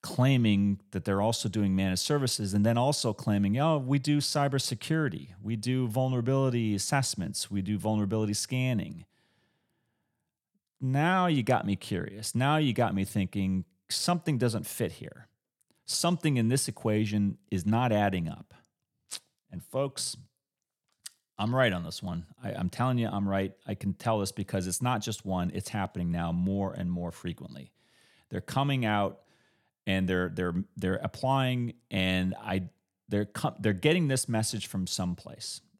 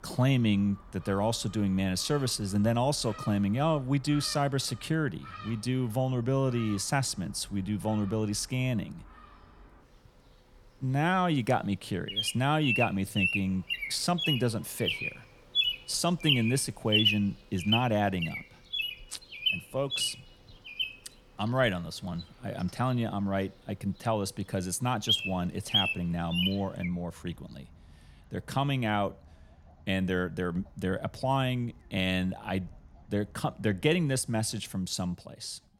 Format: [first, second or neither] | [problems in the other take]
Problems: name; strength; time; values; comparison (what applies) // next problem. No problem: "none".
first | animal sounds; loud; throughout; 1 dB below the speech